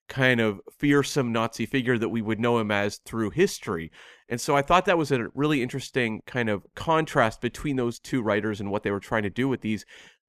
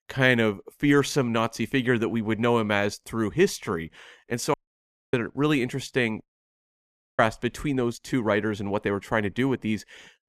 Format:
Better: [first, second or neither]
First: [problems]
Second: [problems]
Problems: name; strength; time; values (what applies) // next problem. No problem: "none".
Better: first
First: none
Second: audio cutting out; at 4.5 s for 0.5 s and at 6 s for 1 s